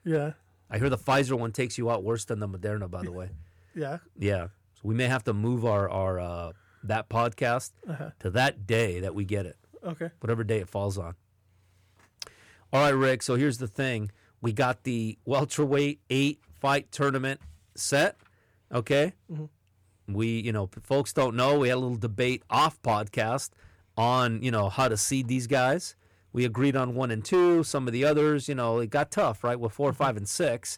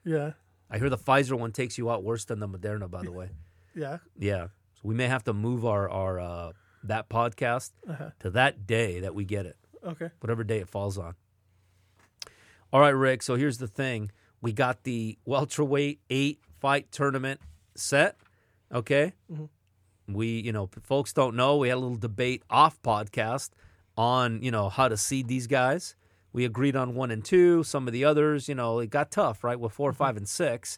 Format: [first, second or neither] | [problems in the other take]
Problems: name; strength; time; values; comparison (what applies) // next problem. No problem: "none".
second | distortion; slight; 4% of the sound clipped